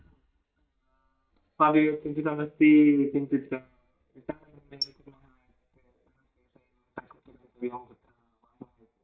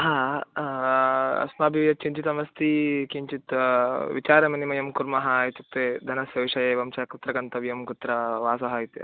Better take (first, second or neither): second